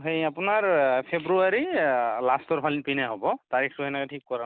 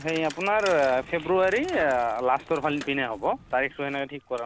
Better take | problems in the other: first | background sound (Bicycle); 18 dB below the speech

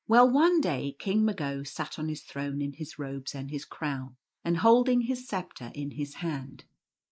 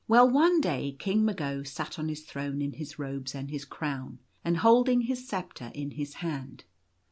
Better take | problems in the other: second | noise reduction (neural mask model Resemble Enhance denoiser)

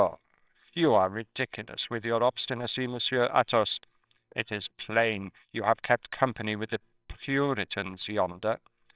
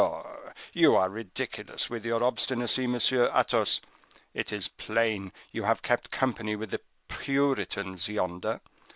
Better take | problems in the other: second | noise reduction (neural separator model SepFormer WHAMR!)

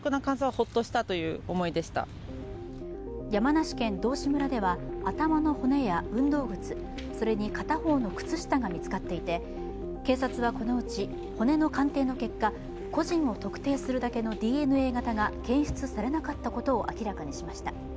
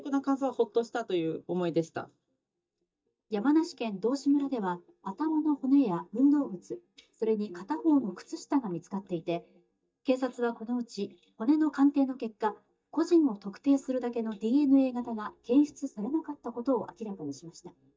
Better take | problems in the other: first | noise reduction (neural mask model DeepFilterNet 3)

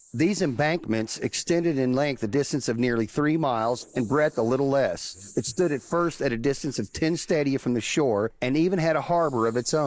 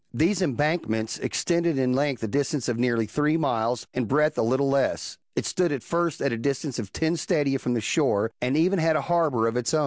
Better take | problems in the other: second | noise reduction (neural mask model Resemble Enhance denoiser)

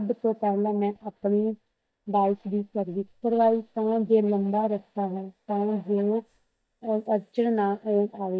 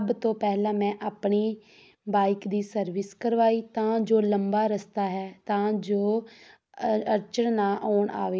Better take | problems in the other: second | noise reduction (neural mask model DeepFilterNet 3)

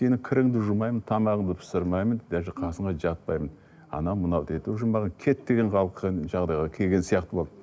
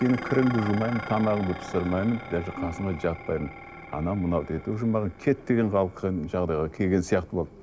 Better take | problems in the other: first | background sound (Dishes, pots, and pans); 13 dB below the speech

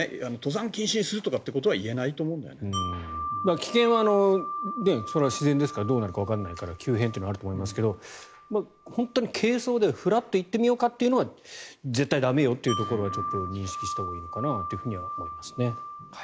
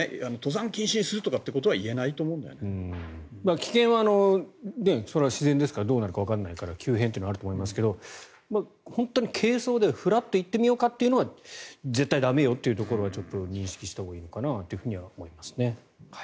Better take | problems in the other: second | background sound (Wind chime); 11 dB below the speech

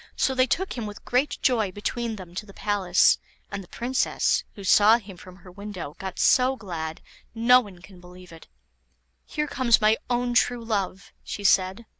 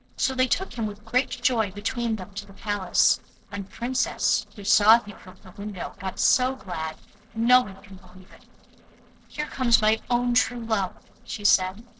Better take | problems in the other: first | noise reduction (neural separator model SepFormer DNS4)

